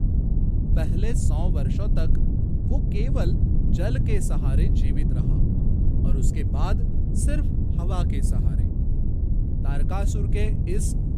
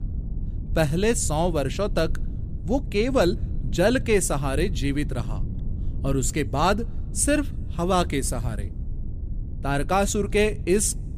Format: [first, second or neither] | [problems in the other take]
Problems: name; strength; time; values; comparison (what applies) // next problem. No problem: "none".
second | low rumble; loud; throughout; 1 dB below the speech; faint in the second